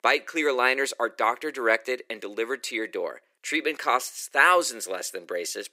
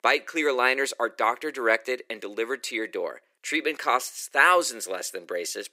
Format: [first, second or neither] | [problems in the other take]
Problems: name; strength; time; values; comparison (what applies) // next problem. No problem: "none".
neither | thin; very; fading below 400 Hz; the same in both